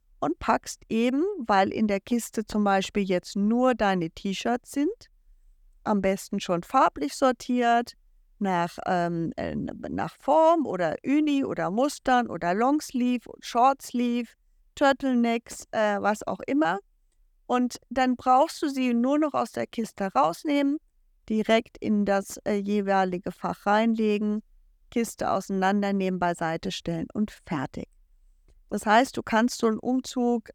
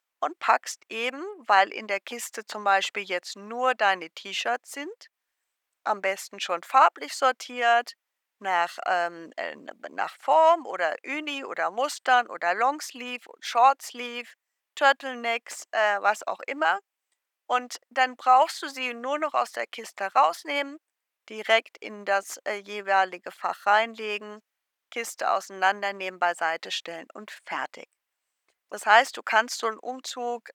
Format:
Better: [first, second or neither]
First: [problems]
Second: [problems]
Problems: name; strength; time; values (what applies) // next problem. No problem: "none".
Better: first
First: none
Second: thin; very; fading below 750 Hz